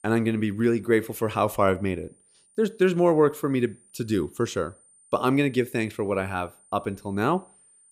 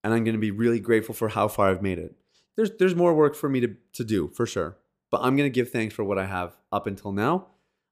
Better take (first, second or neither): second